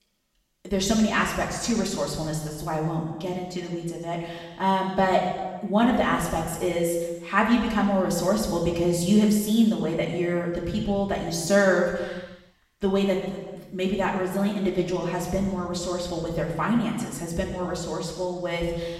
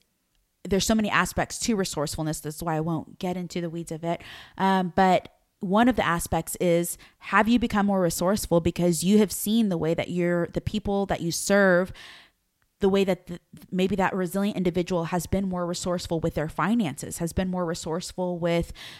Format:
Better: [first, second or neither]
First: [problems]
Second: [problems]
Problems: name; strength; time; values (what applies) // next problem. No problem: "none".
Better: second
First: room echo; noticeable; dies away in 1.2 s // off-mic speech; far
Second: none